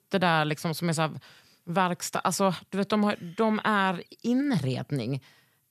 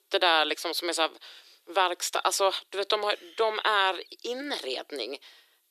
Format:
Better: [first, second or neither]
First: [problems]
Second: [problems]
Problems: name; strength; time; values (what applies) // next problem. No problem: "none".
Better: first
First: none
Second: thin; very; fading below 350 Hz